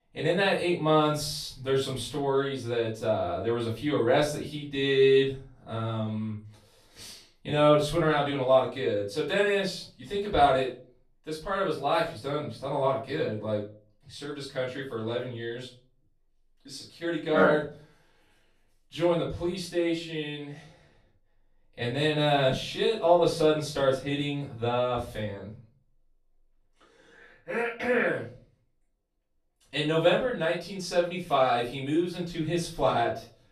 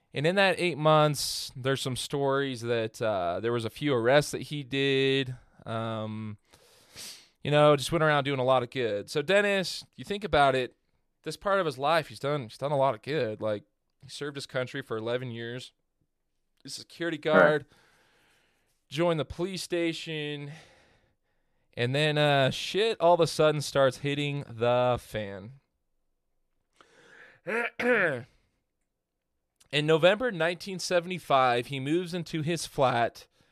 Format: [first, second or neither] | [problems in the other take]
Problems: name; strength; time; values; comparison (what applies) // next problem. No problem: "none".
second | off-mic speech; far // room echo; slight; dies away in 0.3 s